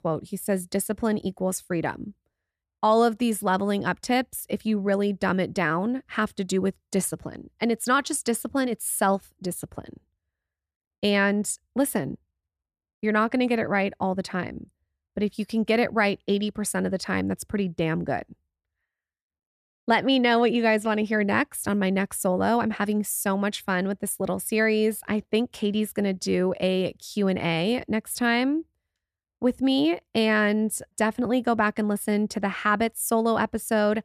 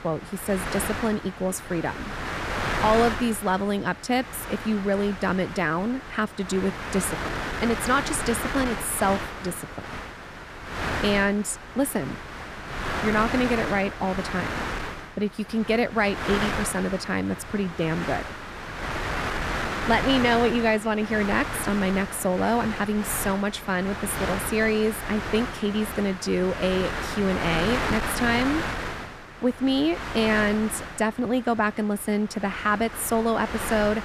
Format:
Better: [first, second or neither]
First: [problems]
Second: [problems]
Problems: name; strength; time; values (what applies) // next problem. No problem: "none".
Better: first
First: none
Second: wind noise on the microphone; heavy; 4 dB below the speech